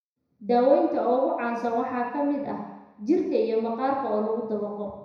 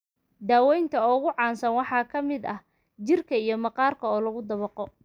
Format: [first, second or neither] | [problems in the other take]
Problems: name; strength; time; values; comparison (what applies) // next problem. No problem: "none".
second | room echo; dies away in 1 s